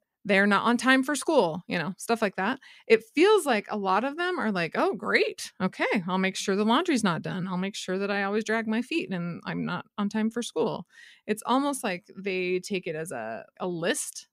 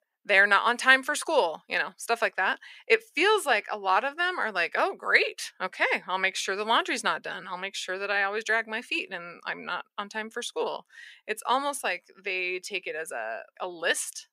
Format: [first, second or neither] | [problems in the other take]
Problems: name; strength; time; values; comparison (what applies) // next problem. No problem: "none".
first | thin; very; fading below 600 Hz